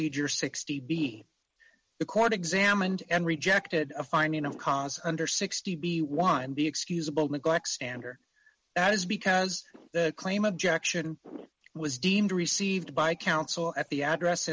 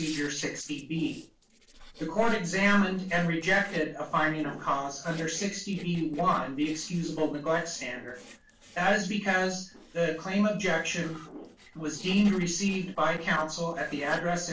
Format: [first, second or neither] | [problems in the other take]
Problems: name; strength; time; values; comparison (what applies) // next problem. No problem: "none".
first | noise reduction (neural separator model SepFormer DNS4)